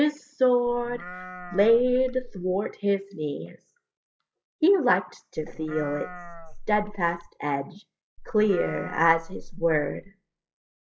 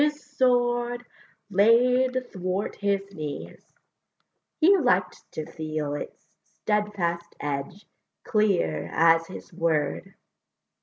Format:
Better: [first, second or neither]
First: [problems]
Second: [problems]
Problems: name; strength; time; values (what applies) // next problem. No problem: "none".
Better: second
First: noise reduction (classical method log-MMSE)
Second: none